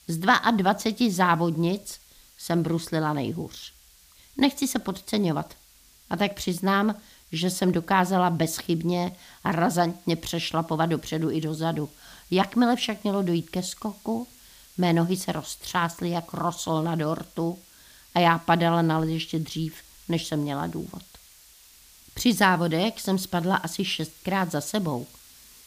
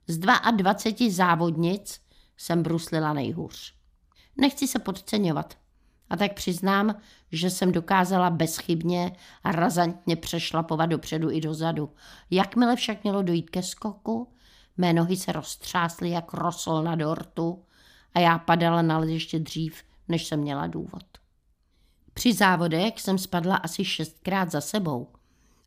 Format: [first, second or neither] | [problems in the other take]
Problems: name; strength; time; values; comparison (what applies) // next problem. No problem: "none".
second | hiss; faint; throughout; 25 dB below the speech